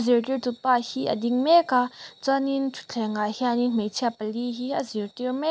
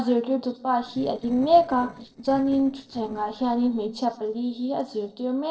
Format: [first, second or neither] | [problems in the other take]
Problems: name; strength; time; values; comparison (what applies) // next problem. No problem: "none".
first | noise reduction (neural separator model SepFormer DNS4)